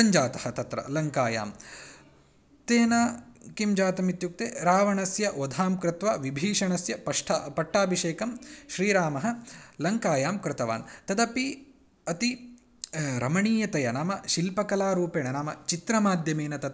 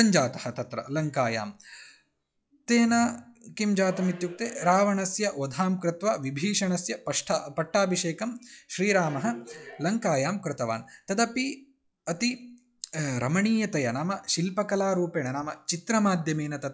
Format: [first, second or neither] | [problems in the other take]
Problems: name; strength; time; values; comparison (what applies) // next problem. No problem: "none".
first | noise reduction (classical method log-MMSE)